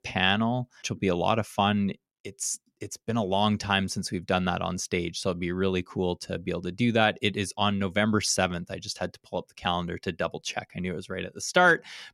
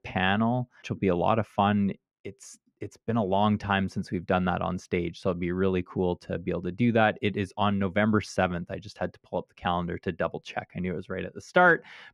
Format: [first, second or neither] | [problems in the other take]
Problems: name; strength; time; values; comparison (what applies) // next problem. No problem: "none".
first | muffled; very; fading above 3.5 kHz